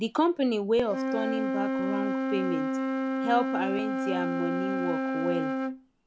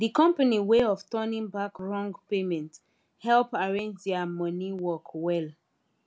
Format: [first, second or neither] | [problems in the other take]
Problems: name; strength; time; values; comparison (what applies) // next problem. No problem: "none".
second | background sound (Wind instrument, woodwind instrument); as loud as the speech